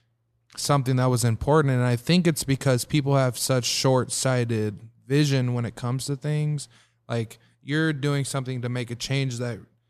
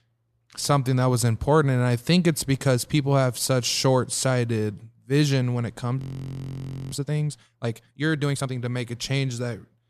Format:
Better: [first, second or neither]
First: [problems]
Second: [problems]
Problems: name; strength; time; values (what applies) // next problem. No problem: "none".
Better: first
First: none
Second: audio freezing; at 6 s for 1 s